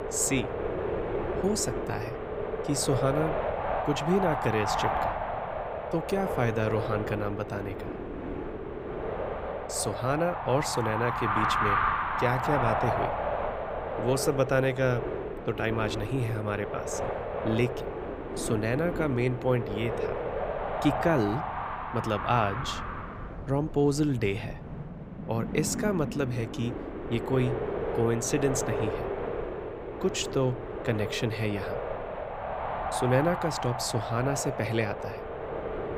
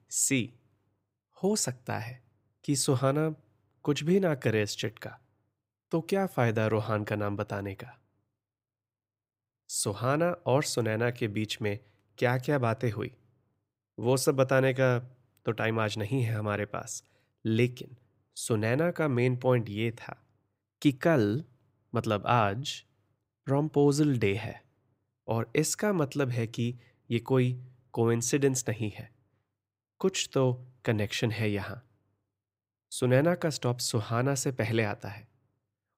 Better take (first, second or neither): second